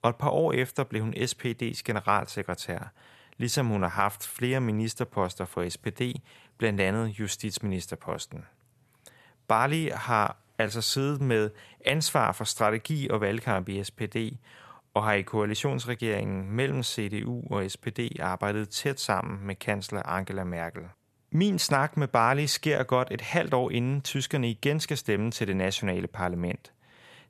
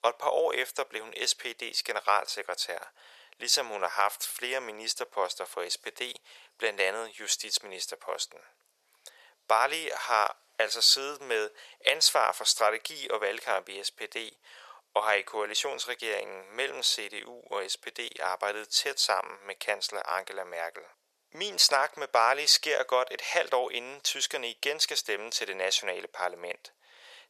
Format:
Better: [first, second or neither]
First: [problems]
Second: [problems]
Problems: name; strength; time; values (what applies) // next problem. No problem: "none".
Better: first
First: none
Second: thin; very; fading below 500 Hz